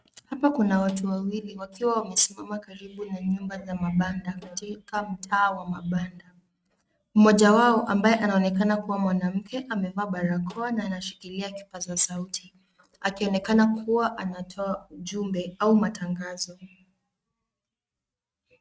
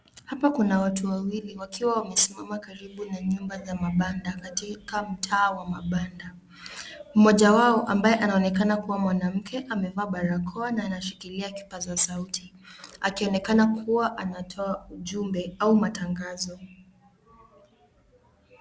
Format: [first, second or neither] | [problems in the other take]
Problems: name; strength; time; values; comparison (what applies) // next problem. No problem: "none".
second | noise reduction (neural mask model RNNoise)